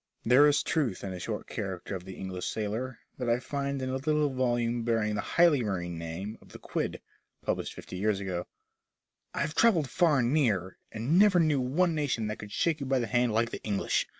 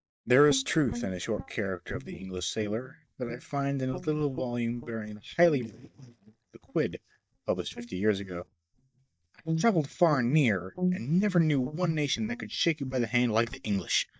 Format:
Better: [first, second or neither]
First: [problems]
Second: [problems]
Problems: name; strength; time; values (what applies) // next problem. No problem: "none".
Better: first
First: none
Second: noise reduction (neural mask model DeepFilterNet 3)